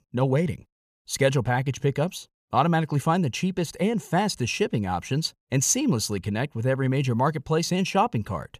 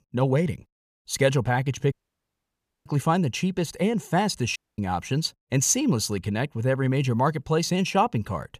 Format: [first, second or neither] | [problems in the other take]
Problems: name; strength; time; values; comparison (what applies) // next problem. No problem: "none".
first | audio cutting out; at 2 s for 1 s and at 4.5 s